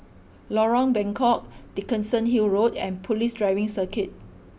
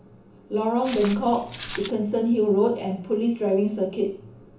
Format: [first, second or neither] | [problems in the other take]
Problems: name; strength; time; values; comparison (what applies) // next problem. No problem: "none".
first | background sound (Walk, footsteps); 13 dB below the speech // room echo; dies away in 0.8 s